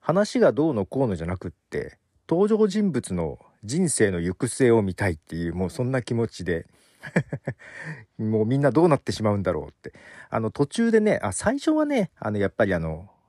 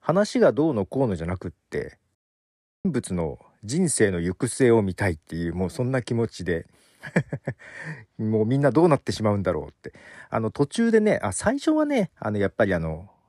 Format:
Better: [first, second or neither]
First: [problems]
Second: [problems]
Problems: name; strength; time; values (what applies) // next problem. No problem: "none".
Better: first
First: none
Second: audio cutting out; at 2 s for 0.5 s